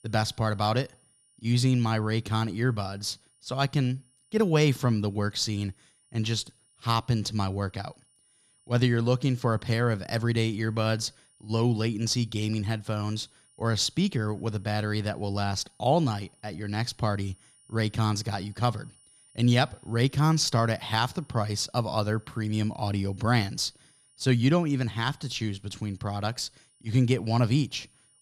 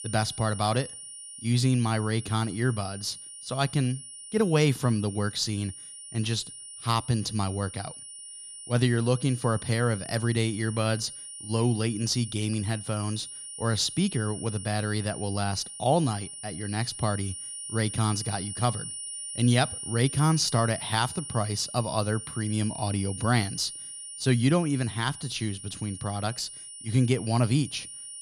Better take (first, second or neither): first